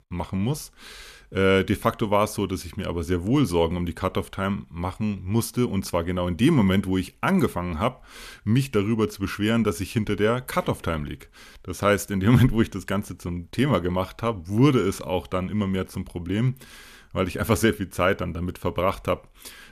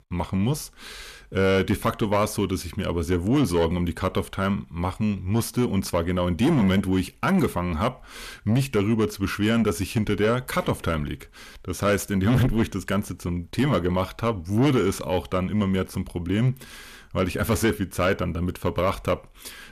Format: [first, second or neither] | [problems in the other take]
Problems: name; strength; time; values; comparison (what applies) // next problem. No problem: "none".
first | distortion; slight; 10 dB below the speech